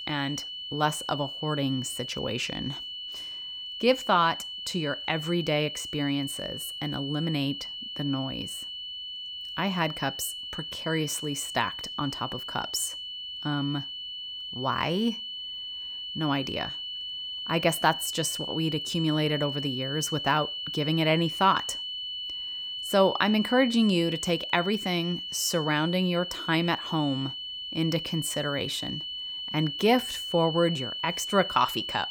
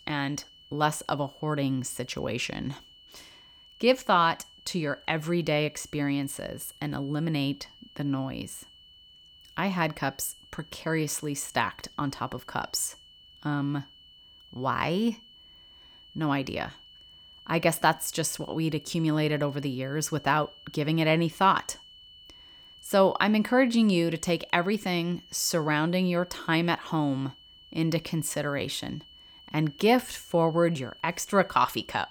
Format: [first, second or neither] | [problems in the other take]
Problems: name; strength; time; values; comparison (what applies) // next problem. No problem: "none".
second | high-pitched whine; loud; throughout; 3 kHz, 5 dB below the speech; faint in the second